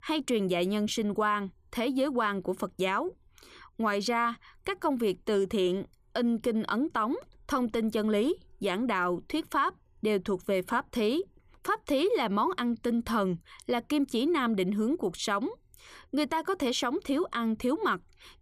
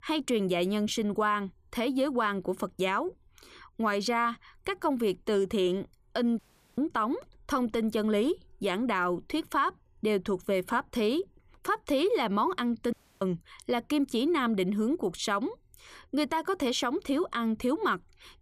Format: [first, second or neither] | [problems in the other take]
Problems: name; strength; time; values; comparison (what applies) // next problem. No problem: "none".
first | audio cutting out; at 6.5 s and at 13 s